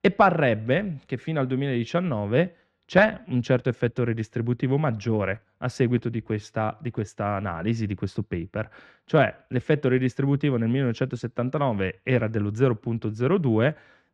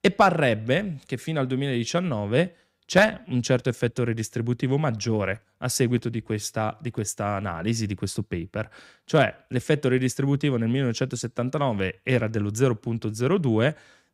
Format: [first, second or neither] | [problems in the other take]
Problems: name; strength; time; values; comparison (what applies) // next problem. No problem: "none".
second | muffled; slightly; fading above 2.5 kHz